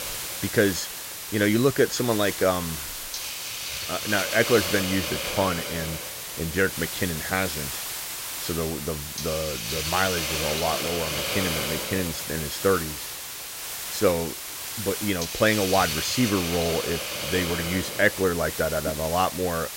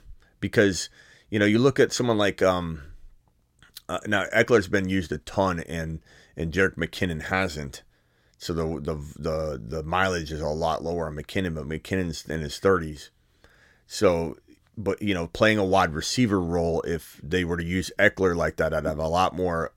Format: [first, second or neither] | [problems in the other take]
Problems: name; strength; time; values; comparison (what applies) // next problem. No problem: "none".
second | hiss; loud; throughout; 3 dB below the speech